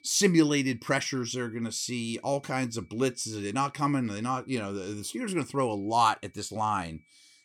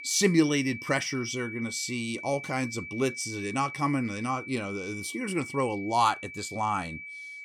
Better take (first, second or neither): first